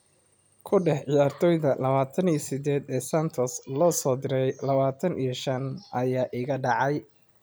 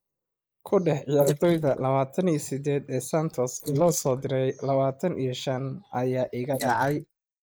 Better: first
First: none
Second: noise reduction (neural mask model Resemble Enhance denoiser)

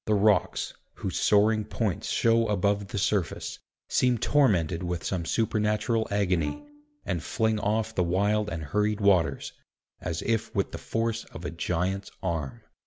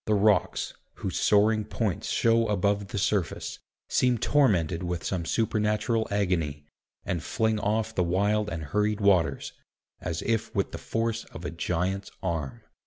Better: second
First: background sound (Brass instrument); 13 dB below the speech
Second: none

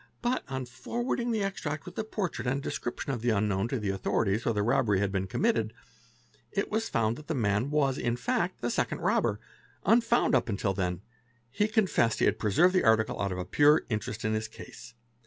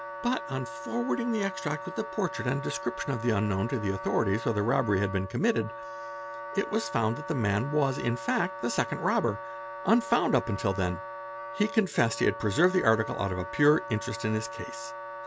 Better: first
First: none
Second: background sound (Wind instrument, woodwind instrument); 10 dB below the speech

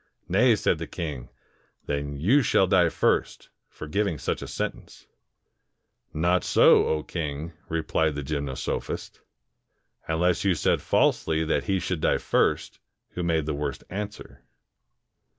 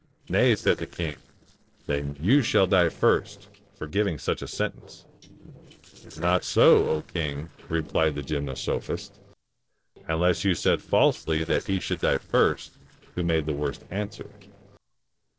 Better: first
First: none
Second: noise reduction (neural separator model SepFormer DNS4)

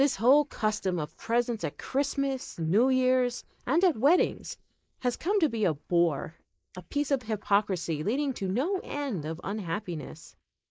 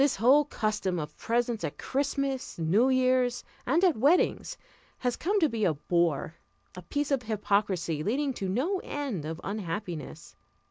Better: second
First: noise reduction (neural mask model Resemble Enhance denoiser)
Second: none

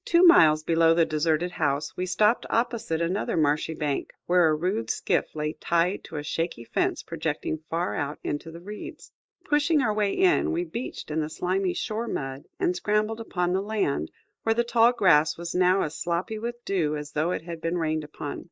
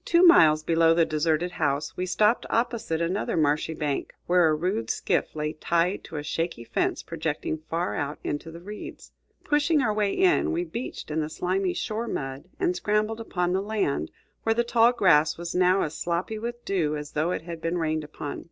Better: second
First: noise reduction (neural mask model Resemble Enhance denoiser)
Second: none

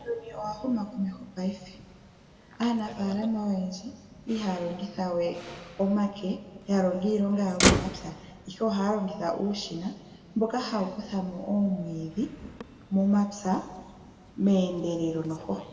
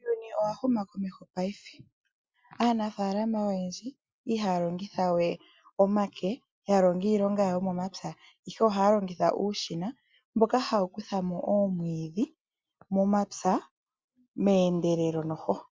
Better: second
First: background sound (Motor vehicle (road)); 8 dB below the speech // room echo; dies away in 1.4 s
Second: none

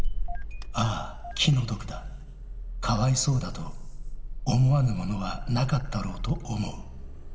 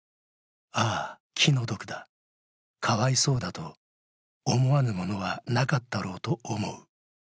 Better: second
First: background sound (Engine starting / Car); 4 dB below the speech // room echo; dies away in 2.9 s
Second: none

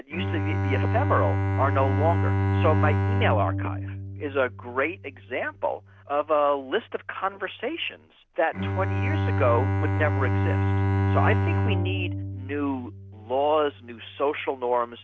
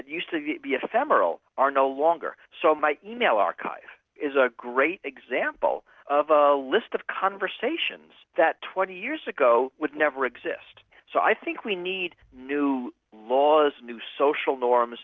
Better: second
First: background sound (Bowed string instrument); 2 dB above the speech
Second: none

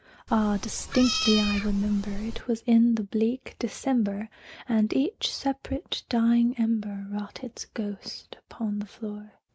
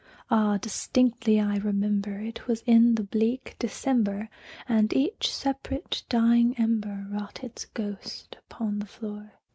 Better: second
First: background sound (Meow); 5 dB below the speech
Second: none

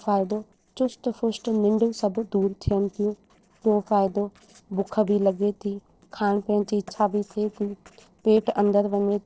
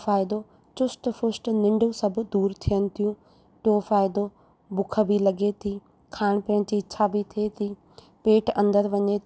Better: second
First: noise reduction (neural separator model SepFormer DNS4)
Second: none

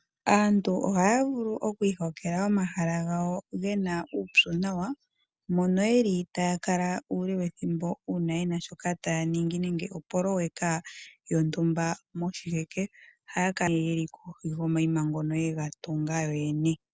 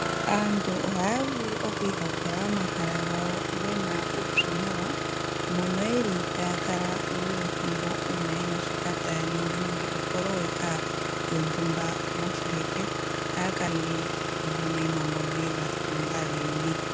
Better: first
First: none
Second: background sound (Engine starting); 1 dB above the speech

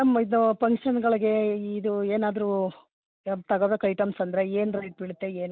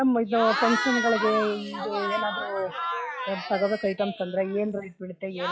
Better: first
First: none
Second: noise reduction (classical method log-MMSE)

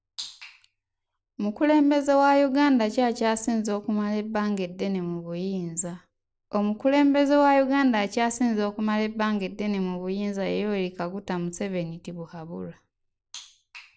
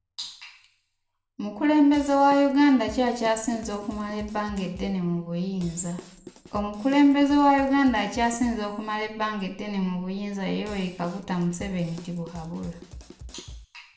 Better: first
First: none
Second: background sound (Drum kit); 19 dB below the speech // room echo; dies away in 0.6 s

